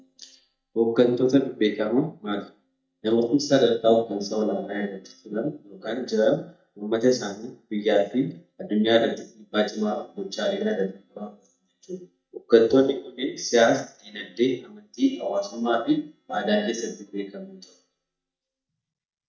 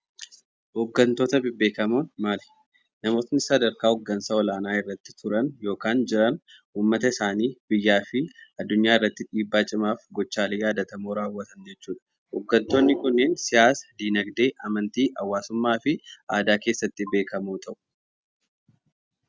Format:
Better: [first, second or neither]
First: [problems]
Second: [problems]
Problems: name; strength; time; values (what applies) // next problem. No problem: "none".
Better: second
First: noise reduction (neural mask model DeepFilterNet 3)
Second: none